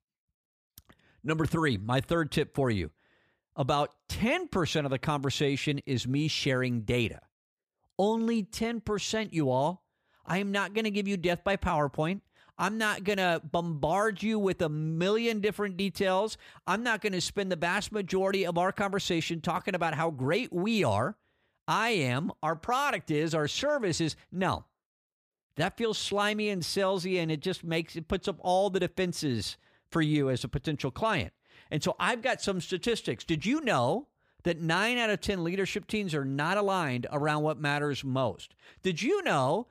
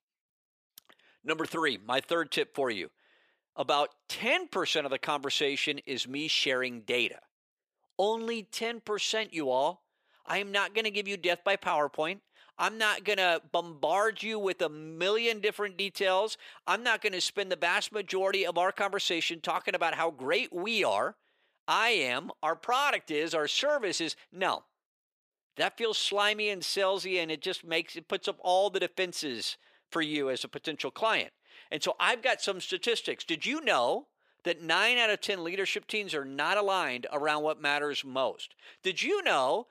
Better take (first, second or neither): first